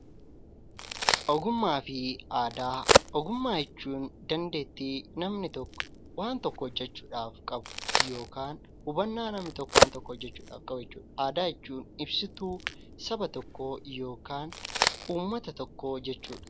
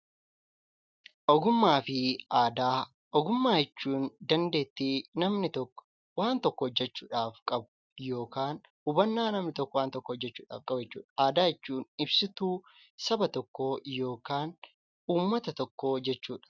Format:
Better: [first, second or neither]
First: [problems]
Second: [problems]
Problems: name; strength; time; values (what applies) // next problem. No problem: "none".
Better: second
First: background sound (Crack); 1 dB above the speech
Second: none